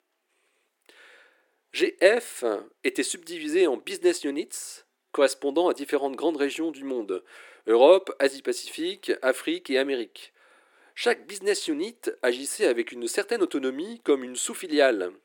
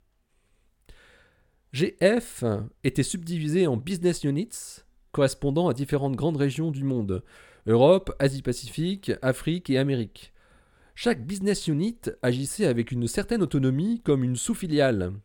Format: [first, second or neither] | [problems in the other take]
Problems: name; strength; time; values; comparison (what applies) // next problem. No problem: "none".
second | thin; somewhat; fading below 300 Hz